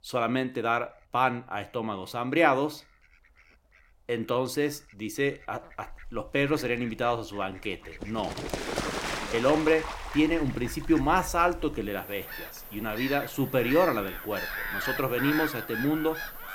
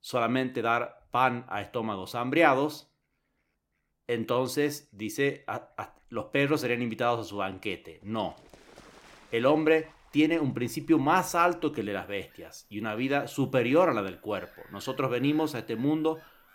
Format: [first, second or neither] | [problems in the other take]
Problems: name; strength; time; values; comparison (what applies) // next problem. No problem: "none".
second | animal sounds; loud; throughout; 7 dB below the speech; faint in the second